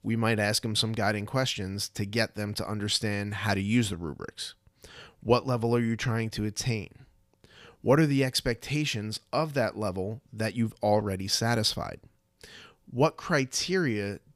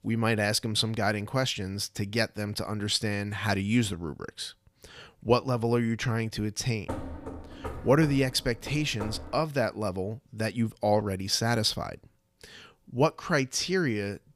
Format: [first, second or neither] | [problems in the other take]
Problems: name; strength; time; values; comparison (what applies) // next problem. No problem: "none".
first | door banging; noticeable; from 7 to 9.5 s; peak 9 dB below the speech